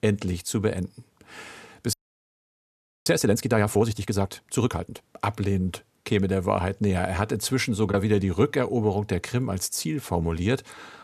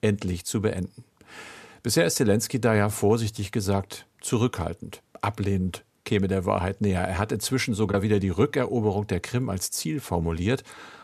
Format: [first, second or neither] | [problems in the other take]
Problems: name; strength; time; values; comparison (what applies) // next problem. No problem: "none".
second | audio freezing; at 2 s for 1 s